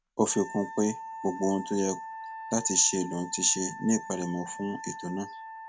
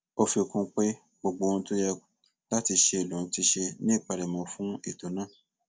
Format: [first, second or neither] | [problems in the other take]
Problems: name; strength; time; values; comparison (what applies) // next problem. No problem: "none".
second | background sound (Wind instrument, woodwind instrument); 12 dB below the speech